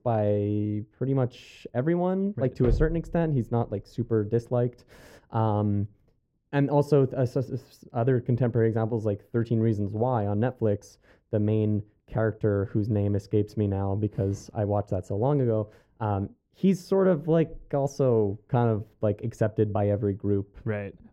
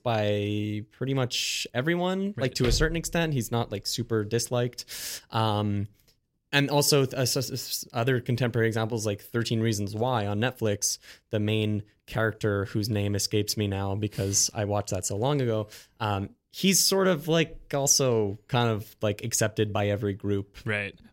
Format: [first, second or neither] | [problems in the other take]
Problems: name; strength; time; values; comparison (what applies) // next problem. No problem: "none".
second | muffled; very; fading above 2 kHz